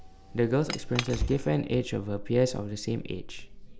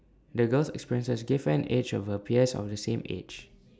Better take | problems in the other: second | background sound (Cutlery, silverware / Chink, clink + Engine / Car); 8 dB below the speech

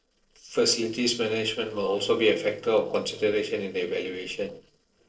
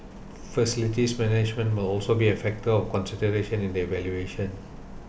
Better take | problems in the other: second | noise reduction (neural separator model SepFormer DNS4)

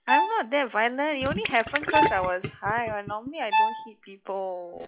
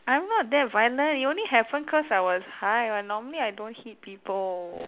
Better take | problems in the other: second | noise reduction (classical method log-MMSE)

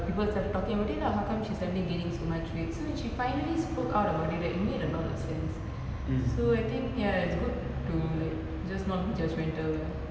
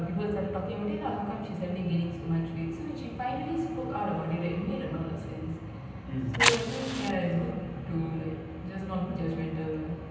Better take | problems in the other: first | background sound (Fire); 2 dB above the speech // room echo; dies away in 0.6 s

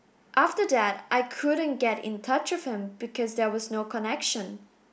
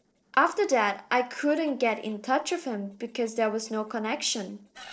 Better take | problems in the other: first | noise reduction (neural separator model SepFormer DNS4)

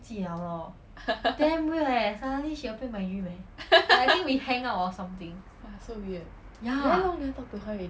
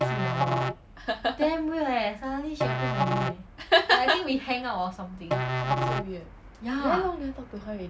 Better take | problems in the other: first | background sound (Musical instrument); 3 dB below the speech

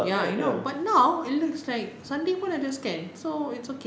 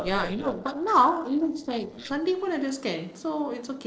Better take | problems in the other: first | noise reduction (neural separator model SepFormer DNS4)

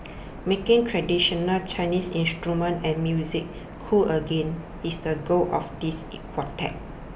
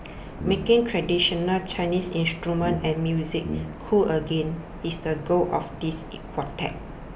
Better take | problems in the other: first | background sound (Brass instrument); 7 dB below the speech

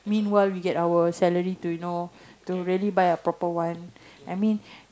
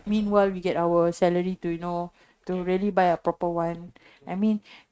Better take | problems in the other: first | noise reduction (neural mask model RNNoise)

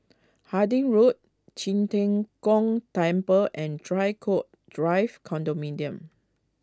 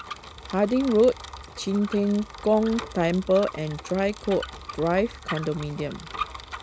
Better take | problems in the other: first | background sound (Bicycle); 13 dB below the speech

